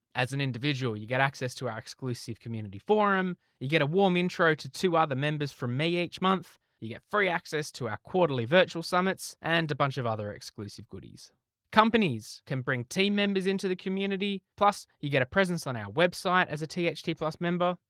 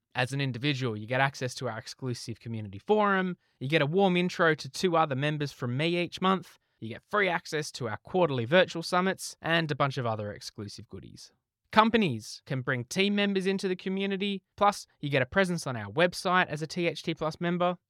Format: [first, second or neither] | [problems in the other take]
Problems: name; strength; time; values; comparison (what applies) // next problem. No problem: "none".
second | garbled, watery; slightly; nothing above 15.5 kHz